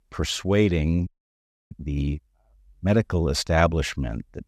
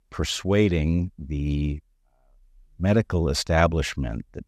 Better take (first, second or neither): second